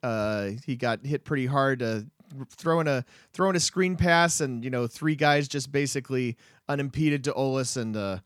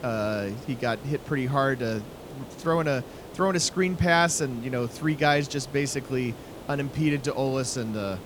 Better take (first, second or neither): first